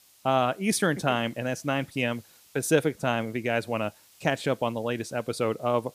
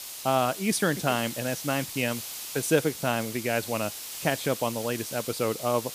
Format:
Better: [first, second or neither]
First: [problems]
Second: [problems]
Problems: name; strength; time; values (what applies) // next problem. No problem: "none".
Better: first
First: hiss; faint; throughout; 25 dB below the speech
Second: hiss; loud; throughout; 7 dB below the speech